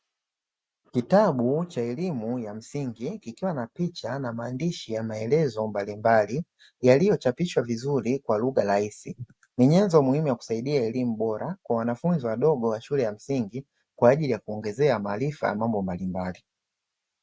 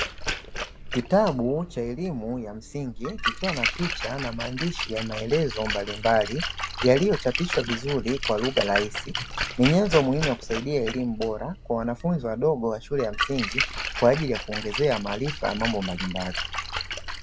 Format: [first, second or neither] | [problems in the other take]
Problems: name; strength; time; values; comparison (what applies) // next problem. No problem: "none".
first | background sound (Splash, splatter); 6 dB below the speech